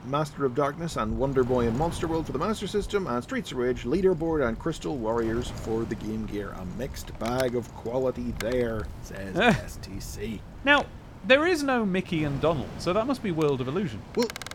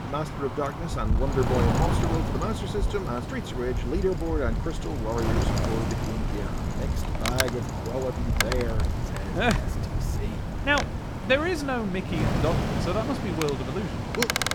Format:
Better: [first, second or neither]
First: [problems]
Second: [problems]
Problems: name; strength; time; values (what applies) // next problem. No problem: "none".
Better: first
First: wind noise on the microphone; occasional gusts; 15 dB below the speech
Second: wind noise on the microphone; heavy; 2 dB below the speech